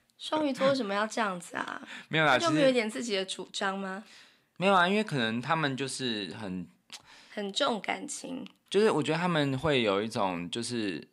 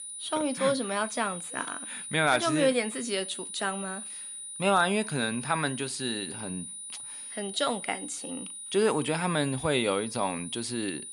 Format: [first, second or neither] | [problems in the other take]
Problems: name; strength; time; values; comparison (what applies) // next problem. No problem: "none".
first | high-pitched whine; loud; throughout; 9.5 kHz, 8 dB below the speech